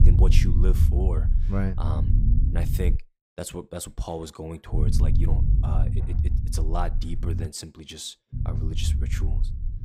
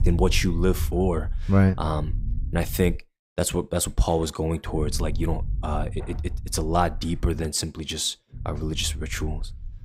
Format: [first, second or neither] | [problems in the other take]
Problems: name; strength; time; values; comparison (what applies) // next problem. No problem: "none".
second | low rumble; loud; until 3 s, from 4.5 to 7.5 s and from 8.5 s on; 5 dB below the speech; faint in the second